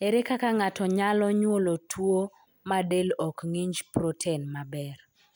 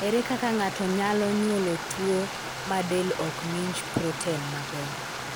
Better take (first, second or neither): first